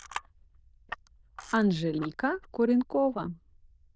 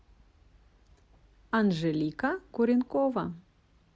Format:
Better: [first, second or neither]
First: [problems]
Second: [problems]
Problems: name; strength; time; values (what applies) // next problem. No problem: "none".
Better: second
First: noise reduction (neural diffusion model UNIVERSE++)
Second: none